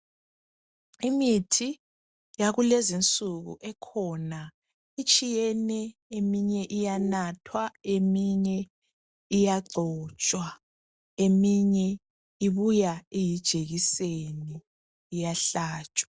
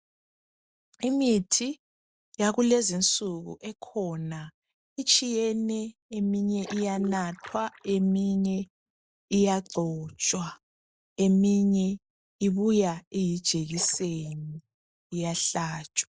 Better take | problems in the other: first | noise reduction (neural mask model Resemble Enhance denoiser)

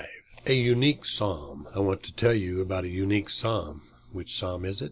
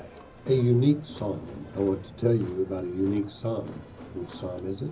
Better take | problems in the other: first | background sound (Crowd); 17 dB below the speech // room echo; dies away in 0.4 s

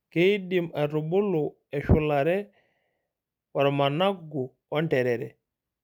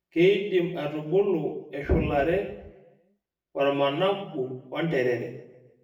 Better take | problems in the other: first | room echo; dies away in 0.8 s

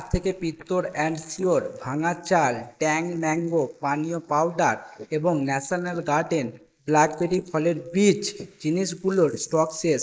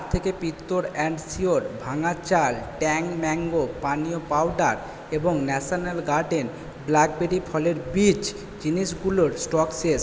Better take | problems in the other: second | noise reduction (neural mask model Resemble Enhance denoiser)

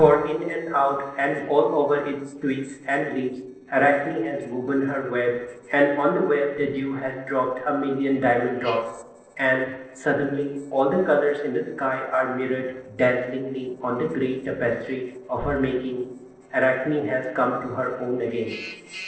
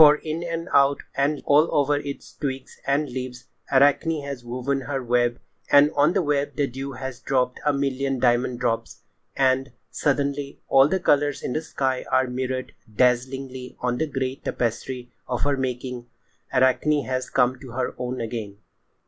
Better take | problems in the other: second | noise reduction (neural separator model SepFormer DNS4)

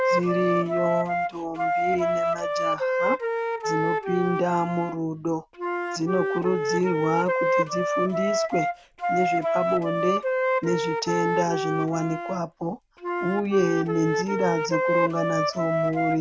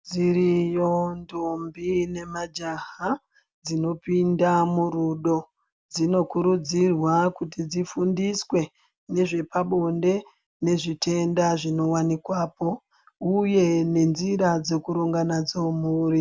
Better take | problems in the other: second | background sound (Wind instrument, woodwind instrument); 2 dB above the speech

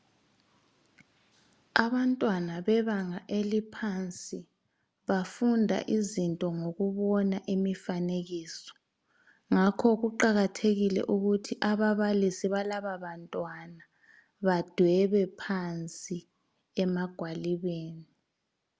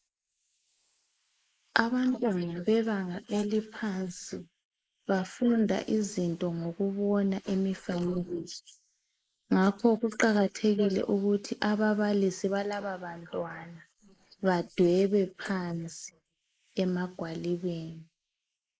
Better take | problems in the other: first | noise reduction (neural mask model Resemble Enhance denoiser)

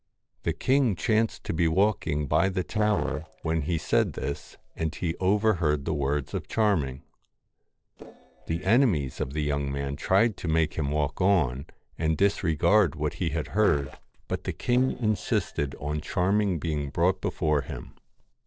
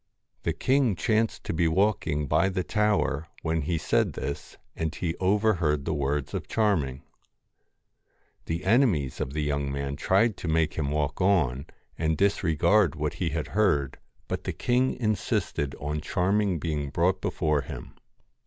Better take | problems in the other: second | noise reduction (neural separator model SepFormer DNS4)

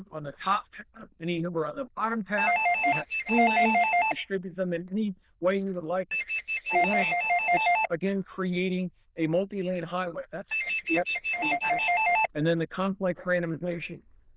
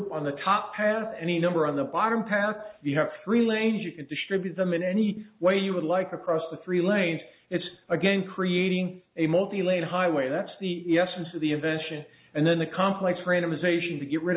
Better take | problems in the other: second | noise reduction (neural diffusion model UNIVERSE++)

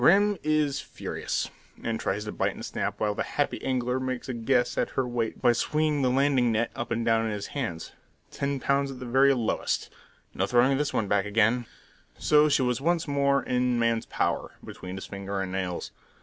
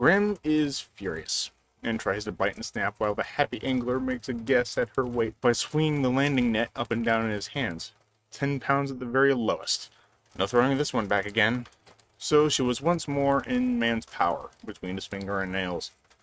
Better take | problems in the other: first | noise reduction (neural mask model RNNoise)

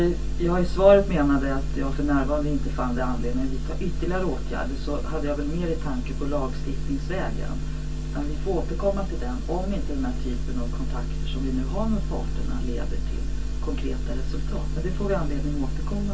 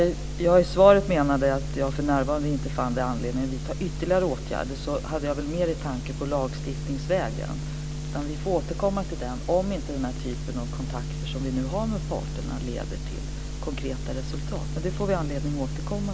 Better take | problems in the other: second | room echo; dies away in 0.2 s

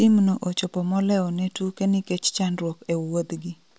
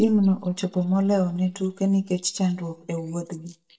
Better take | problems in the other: first | noise reduction (neural mask model DeepFilterNet 3)

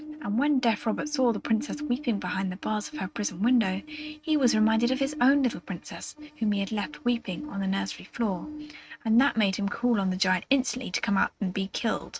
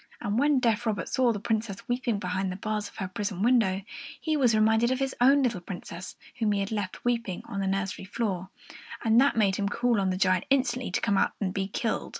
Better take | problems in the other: second | noise reduction (neural mask model RNNoise)

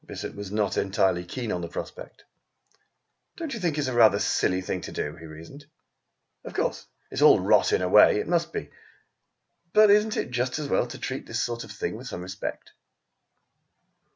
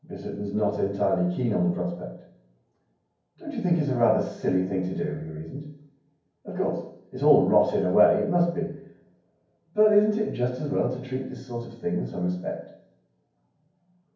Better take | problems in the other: first | room echo; dies away in 0.9 s

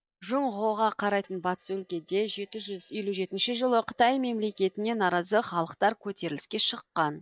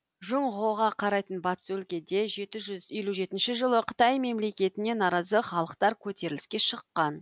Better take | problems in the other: second | noise reduction (neural mask model DeepFilterNet 3)

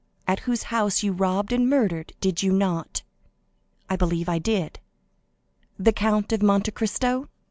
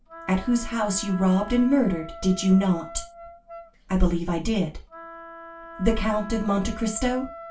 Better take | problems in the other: first | background sound (Wind instrument, woodwind instrument); 17 dB below the speech // room echo; dies away in 0.2 s

